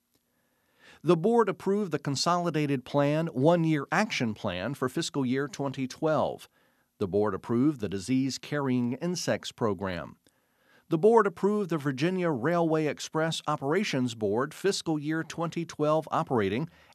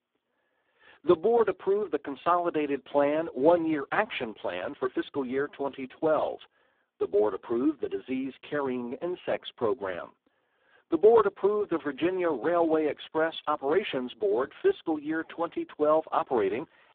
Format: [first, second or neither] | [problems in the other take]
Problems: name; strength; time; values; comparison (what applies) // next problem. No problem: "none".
first | phone-call audio; poor line